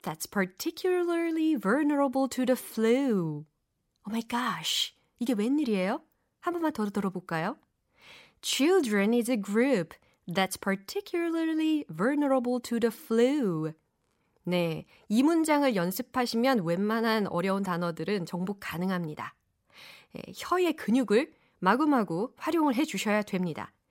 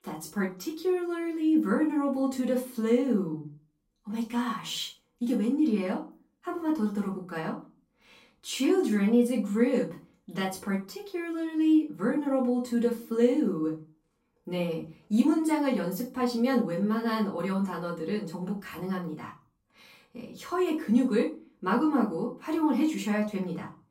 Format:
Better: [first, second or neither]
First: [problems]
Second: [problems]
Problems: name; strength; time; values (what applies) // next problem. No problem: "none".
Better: first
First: none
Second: room echo; slight; dies away in 0.3 s // off-mic speech; far